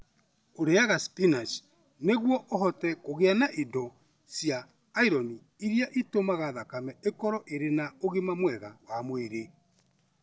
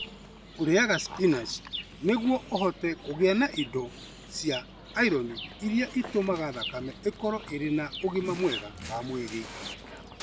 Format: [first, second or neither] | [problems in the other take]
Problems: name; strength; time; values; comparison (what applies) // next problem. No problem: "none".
first | background sound (Dog + Chirp, tweet); 12 dB below the speech